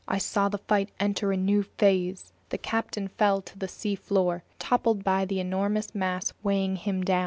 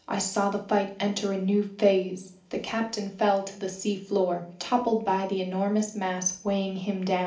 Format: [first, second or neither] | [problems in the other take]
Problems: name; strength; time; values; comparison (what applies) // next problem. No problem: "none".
first | room echo; dies away in 0.4 s